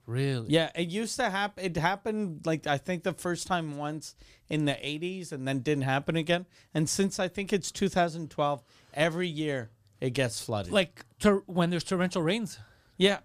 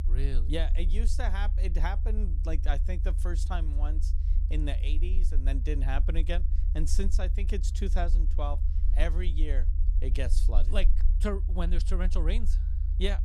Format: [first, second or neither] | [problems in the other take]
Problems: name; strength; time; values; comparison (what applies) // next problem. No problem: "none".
first | low rumble; noticeable; throughout; 10 dB below the speech